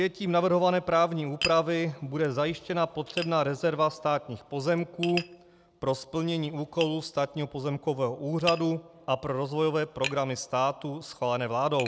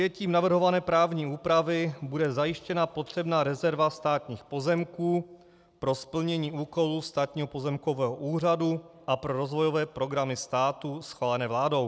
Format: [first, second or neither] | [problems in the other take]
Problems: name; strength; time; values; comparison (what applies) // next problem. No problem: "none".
second | background sound (Tap); 15 dB below the speech